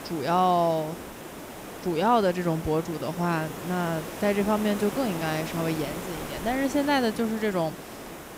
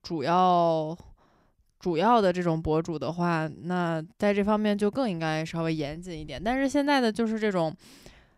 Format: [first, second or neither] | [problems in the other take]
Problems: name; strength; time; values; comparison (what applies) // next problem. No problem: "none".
second | hiss; noticeable; throughout; 10 dB below the speech